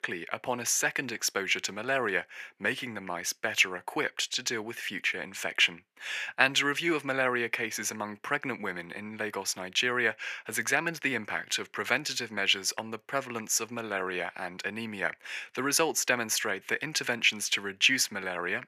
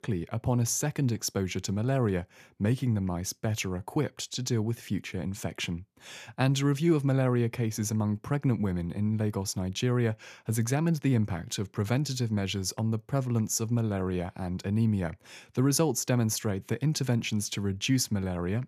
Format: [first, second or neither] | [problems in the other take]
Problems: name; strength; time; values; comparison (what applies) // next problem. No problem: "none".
second | thin; very; fading below 450 Hz